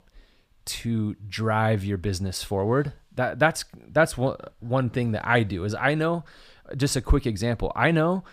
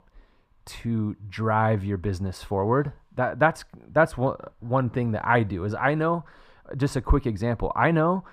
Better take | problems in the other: first | muffled; slightly; fading above 2.5 kHz

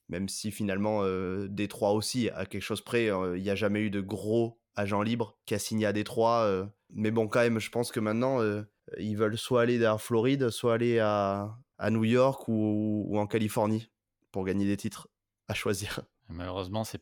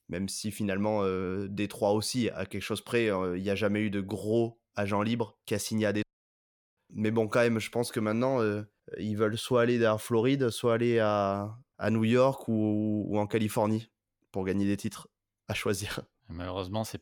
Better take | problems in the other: first | audio cutting out; at 6 s for 0.5 s

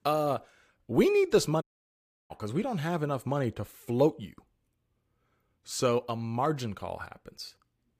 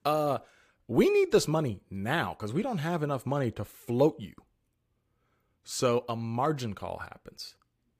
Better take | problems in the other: second | audio cutting out; at 1.5 s for 0.5 s

